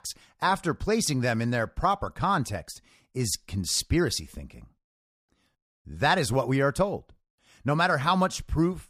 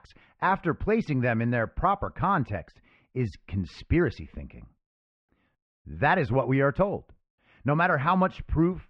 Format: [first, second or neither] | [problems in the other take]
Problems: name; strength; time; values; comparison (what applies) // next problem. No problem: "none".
first | muffled; very; fading above 2.5 kHz